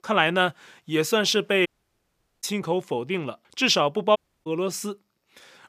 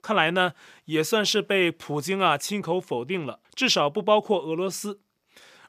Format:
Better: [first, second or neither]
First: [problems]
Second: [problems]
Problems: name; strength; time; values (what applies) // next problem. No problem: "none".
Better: second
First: audio cutting out; at 1.5 s for 1 s and at 4 s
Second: none